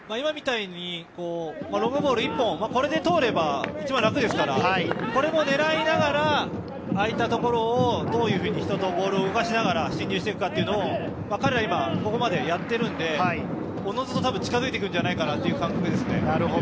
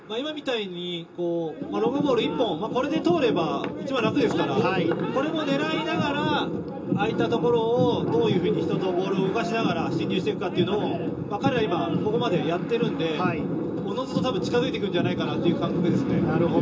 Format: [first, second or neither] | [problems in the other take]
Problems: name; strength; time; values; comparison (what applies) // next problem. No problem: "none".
first | room echo; dies away in 0.2 s